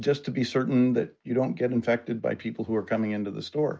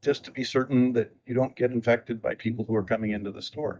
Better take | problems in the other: first | noise reduction (neural mask model DeepFilterNet 3)

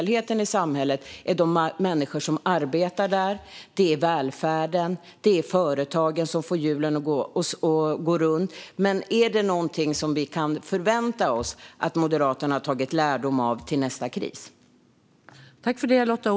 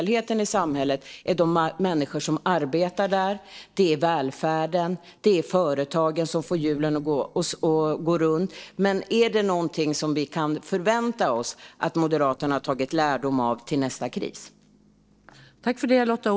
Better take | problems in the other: first | noise reduction (neural separator model SepFormer DNS4)

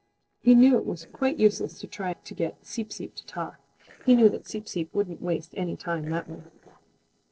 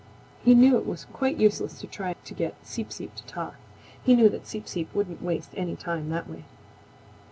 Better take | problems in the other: second | noise reduction (neural separator model SepFormer DNS4)

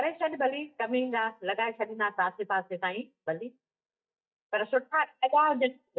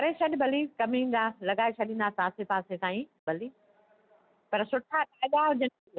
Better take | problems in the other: second | noise reduction (neural mask model DeepFilterNet 3)

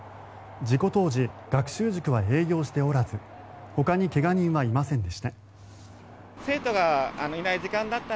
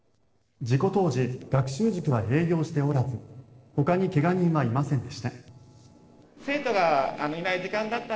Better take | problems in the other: first | noise reduction (neural separator model SepFormer DNS4)

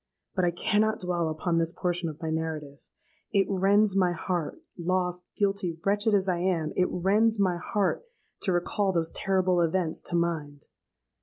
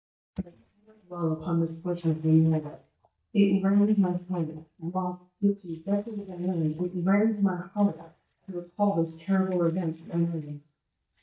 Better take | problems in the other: first | noise reduction (neural mask model DeepFilterNet 3)

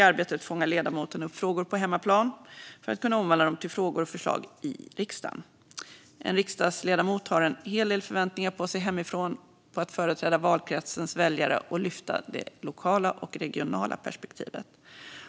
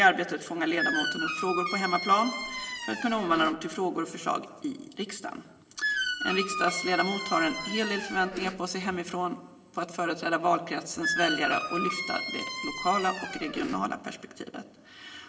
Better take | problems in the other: first | background sound (Squeak); 4 dB below the speech // room echo; dies away in 2 s

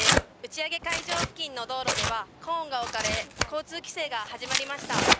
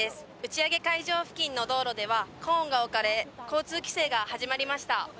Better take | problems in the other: second | background sound (Tearing); 3 dB above the speech

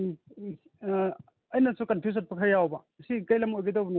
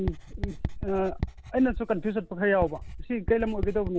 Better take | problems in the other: first | background sound (Writing); 6 dB below the speech

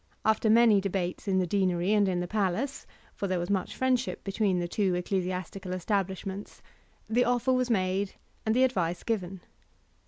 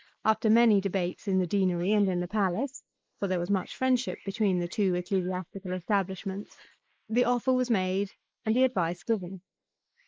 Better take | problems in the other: first | noise reduction (neural mask model Resemble Enhance denoiser)

